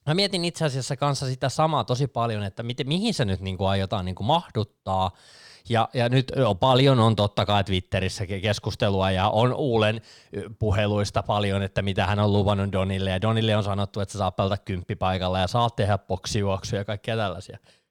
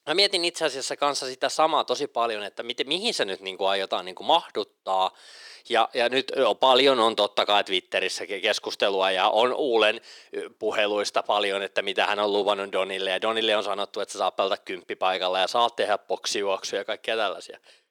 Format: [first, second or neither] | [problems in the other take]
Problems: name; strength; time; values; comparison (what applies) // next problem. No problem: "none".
first | thin; very; fading below 350 Hz